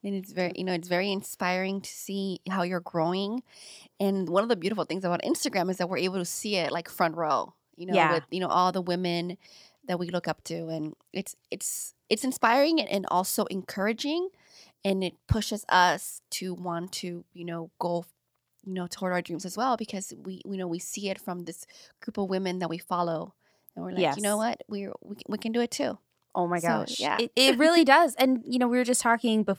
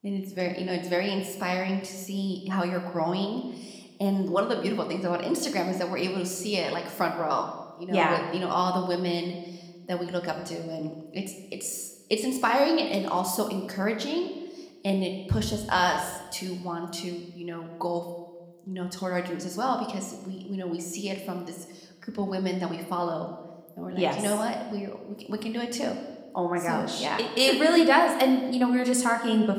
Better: first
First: none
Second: room echo; slight; dies away in 1 s

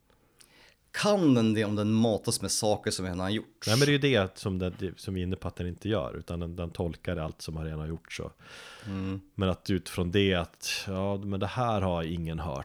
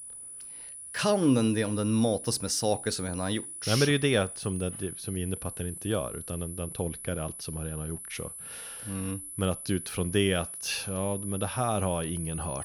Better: first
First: none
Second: high-pitched whine; loud; throughout; 10 kHz, 8 dB below the speech

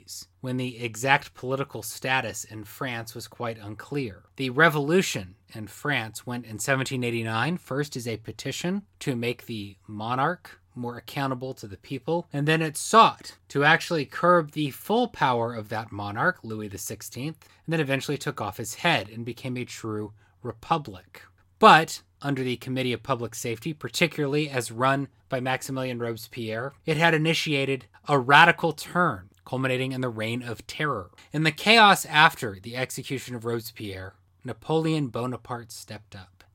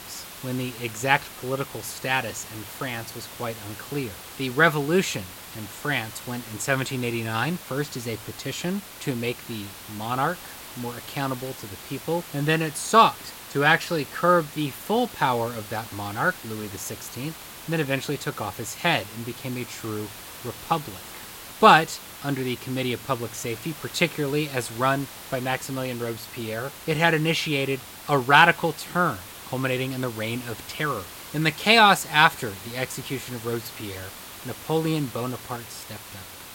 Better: first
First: none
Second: hiss; noticeable; throughout; 15 dB below the speech

